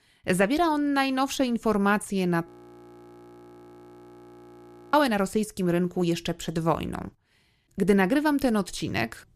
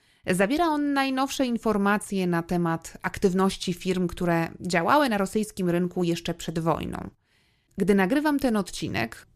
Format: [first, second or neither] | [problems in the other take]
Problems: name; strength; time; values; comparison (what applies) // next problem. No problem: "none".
second | audio freezing; at 2.5 s for 2.5 s